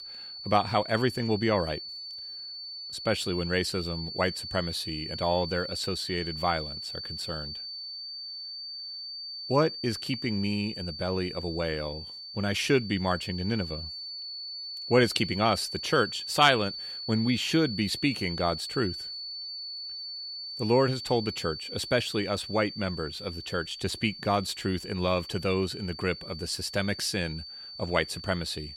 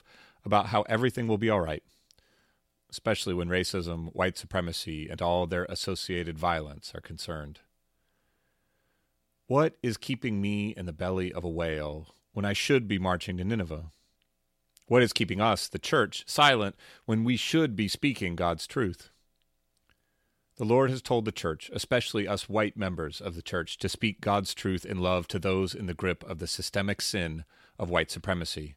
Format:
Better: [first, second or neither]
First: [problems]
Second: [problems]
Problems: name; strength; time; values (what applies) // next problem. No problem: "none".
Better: second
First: high-pitched whine; loud; throughout; 4.5 kHz, 8 dB below the speech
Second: none